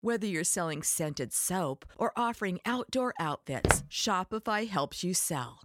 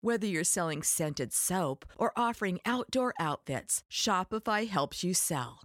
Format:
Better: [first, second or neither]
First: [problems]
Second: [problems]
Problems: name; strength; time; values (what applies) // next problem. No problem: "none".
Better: second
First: footsteps; loud; at 3.5 s; peak 2 dB above the speech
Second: none